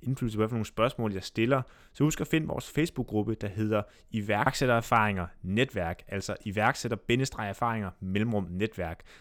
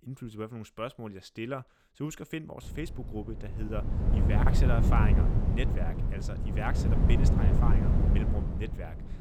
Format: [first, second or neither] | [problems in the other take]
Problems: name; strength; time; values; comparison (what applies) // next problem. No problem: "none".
first | wind noise on the microphone; heavy; from 2.5 s on; as loud as the speech